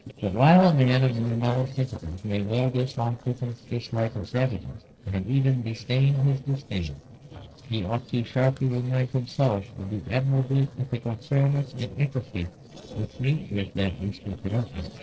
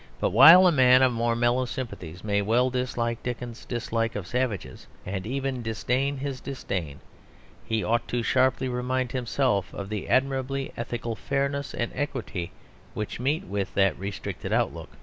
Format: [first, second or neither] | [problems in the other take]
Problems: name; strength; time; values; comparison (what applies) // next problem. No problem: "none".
second | noise reduction (neural separator model SepFormer DNS4)